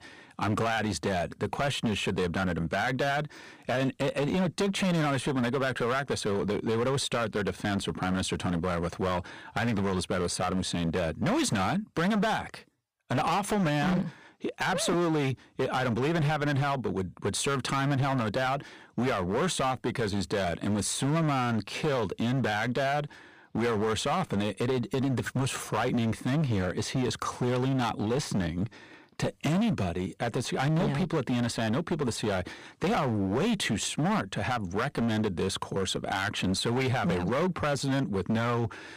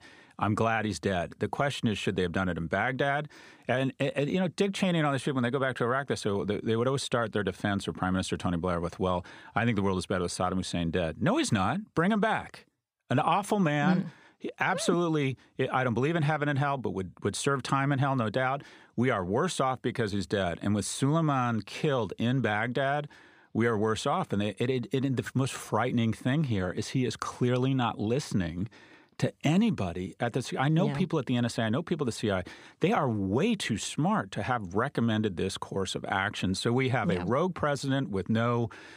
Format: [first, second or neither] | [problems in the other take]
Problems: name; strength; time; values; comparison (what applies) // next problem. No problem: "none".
second | distortion; heavy; 17% of the sound clipped